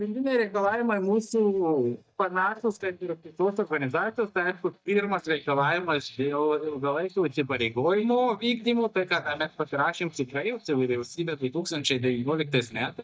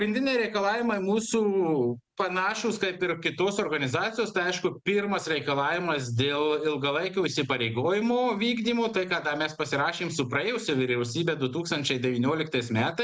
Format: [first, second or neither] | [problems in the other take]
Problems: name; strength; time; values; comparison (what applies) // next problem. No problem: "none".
second | noise reduction (neural mask model DeepFilterNet 3)